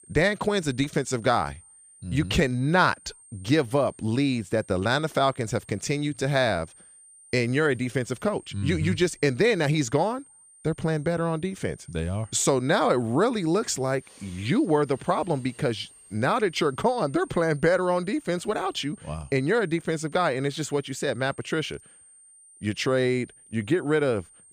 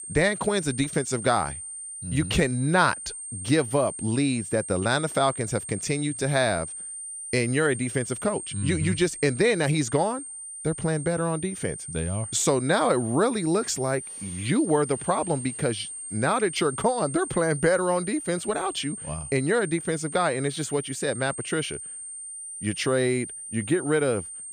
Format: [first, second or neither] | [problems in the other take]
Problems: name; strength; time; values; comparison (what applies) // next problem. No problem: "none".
first | high-pitched whine; loud; throughout; 8.5 kHz, 9 dB below the speech; faint in the first